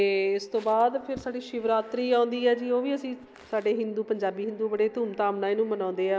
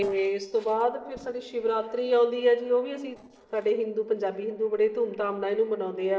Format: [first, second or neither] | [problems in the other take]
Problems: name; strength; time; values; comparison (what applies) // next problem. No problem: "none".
first | noise reduction (neural separator model SepFormer DNS4)